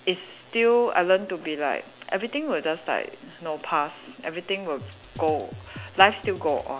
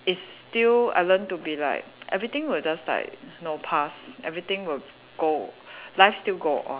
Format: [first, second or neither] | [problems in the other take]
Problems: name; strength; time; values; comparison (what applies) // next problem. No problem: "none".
second | background sound (Drum kit); 16 dB below the speech